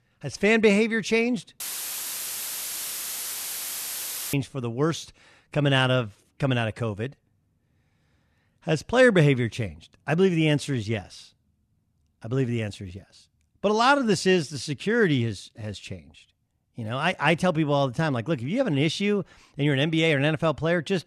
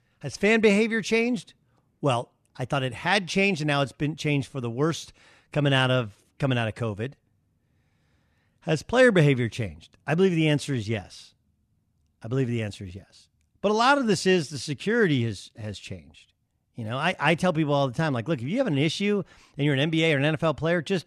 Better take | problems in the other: second | audio cutting out; filled with static; at 1.5 s for 2.5 s

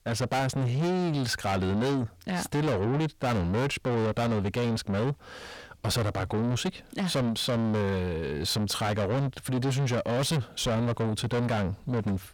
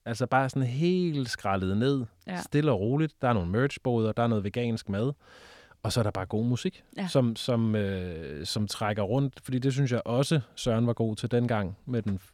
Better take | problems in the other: second | distortion; heavy; 6 dB below the speech

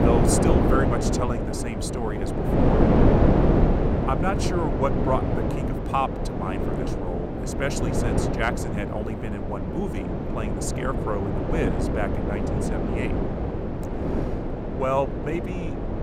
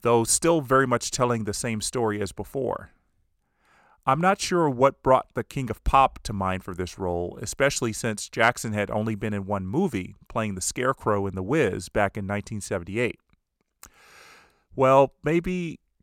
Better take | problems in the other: second | wind noise on the microphone; heavy; 1 dB above the speech

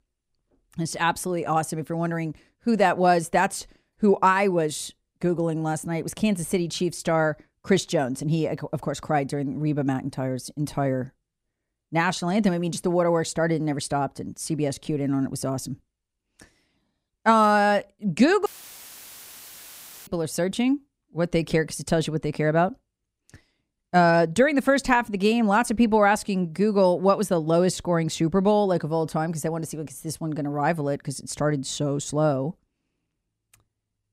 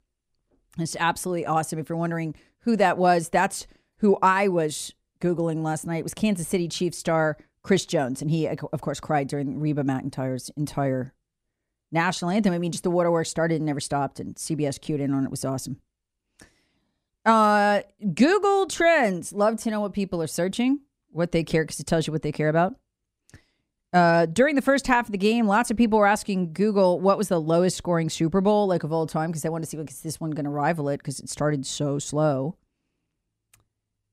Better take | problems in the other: second | audio cutting out; filled with static; at 18 s for 1.5 s

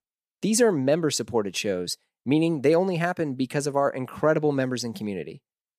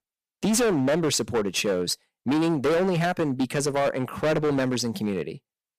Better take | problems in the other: first | distortion; heavy; 17% of the sound clipped

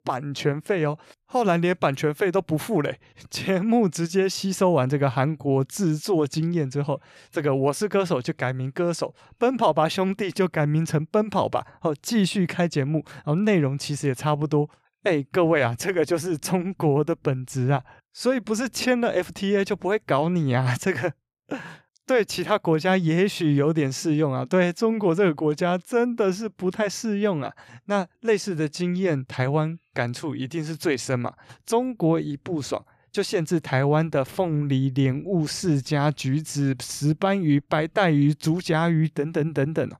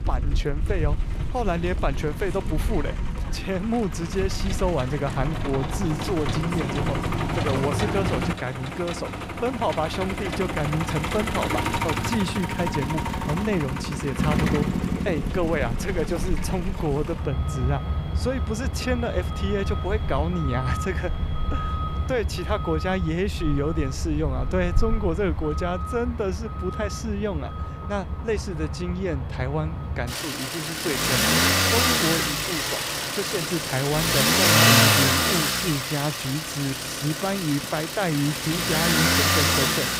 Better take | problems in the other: first | traffic noise; very loud; throughout; 3 dB above the speech

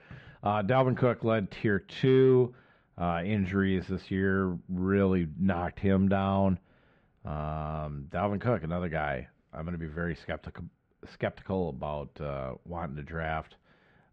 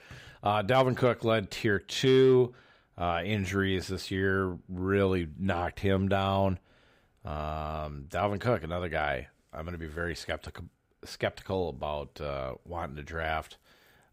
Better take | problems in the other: second | muffled; slightly; fading above 2.5 kHz

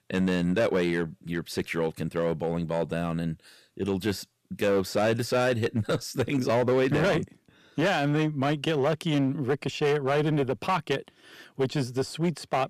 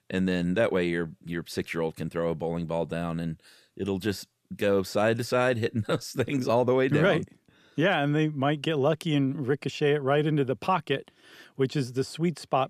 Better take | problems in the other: second | distortion; slight; 8% of the sound clipped

